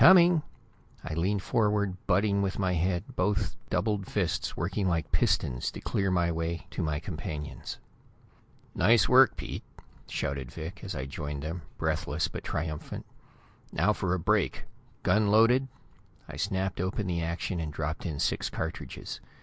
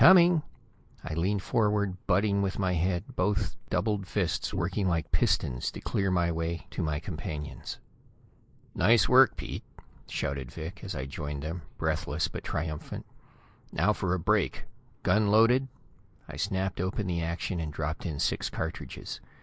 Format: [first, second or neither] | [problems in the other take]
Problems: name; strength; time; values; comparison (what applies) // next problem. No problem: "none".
first | noise reduction (neural mask model Resemble Enhance denoiser)